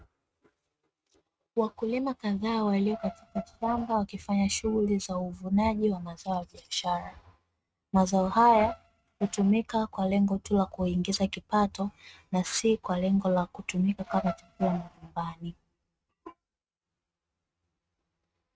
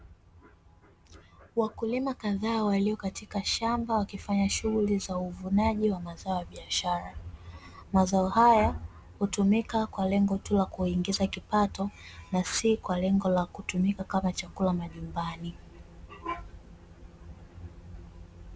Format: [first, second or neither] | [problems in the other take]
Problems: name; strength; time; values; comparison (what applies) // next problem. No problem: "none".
second | noise reduction (neural mask model RNNoise)